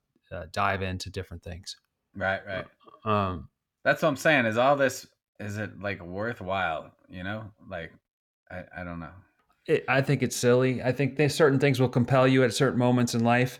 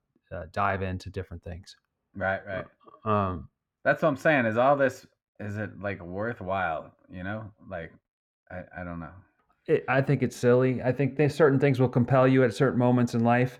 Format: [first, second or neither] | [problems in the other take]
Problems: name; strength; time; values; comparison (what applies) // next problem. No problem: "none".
first | muffled; slightly; fading above 2.5 kHz